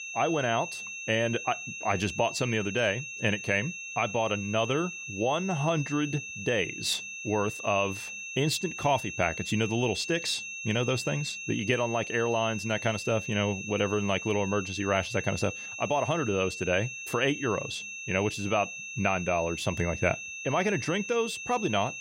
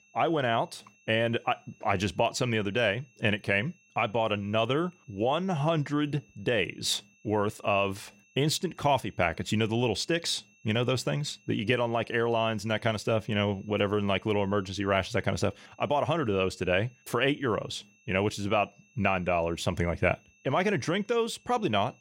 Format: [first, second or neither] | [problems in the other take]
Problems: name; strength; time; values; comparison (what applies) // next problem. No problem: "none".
second | high-pitched whine; loud; throughout; 2.5 kHz, 7 dB below the speech; faint in the second